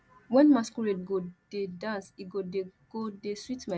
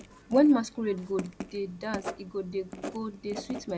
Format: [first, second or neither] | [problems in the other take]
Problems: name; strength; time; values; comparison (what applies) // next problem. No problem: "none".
first | background sound (Writing); 12 dB below the speech